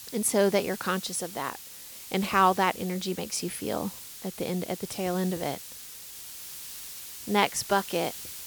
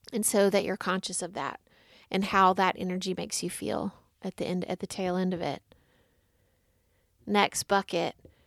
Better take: second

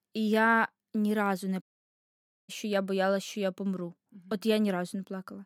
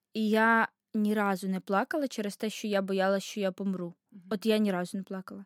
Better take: second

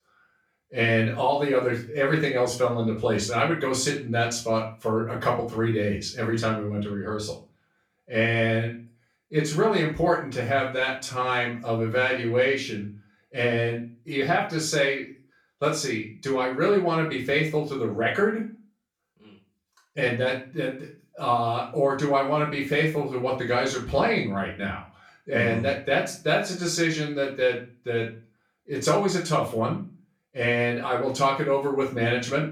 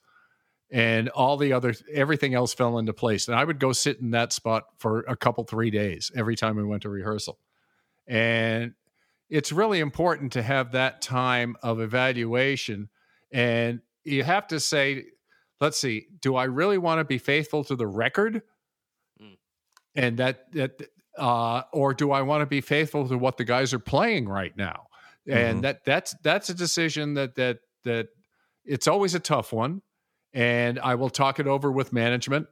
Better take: second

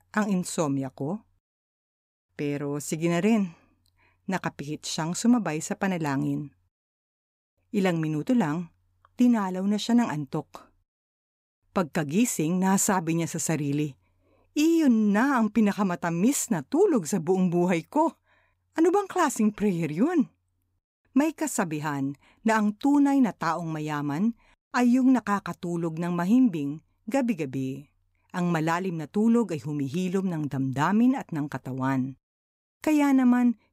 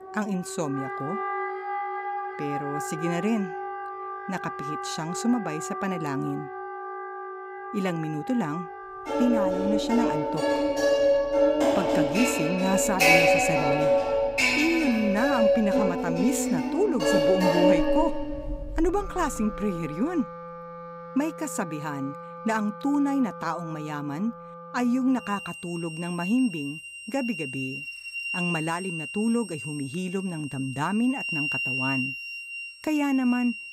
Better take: first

